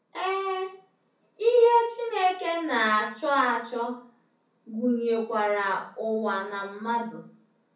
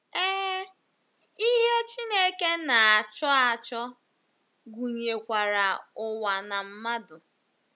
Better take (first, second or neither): second